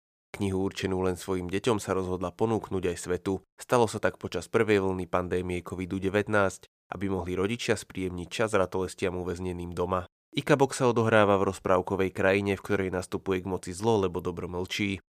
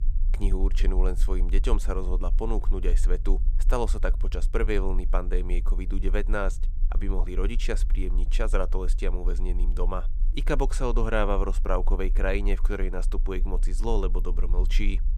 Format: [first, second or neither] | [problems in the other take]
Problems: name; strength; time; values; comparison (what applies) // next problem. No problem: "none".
first | low rumble; faint; throughout; 20 dB below the speech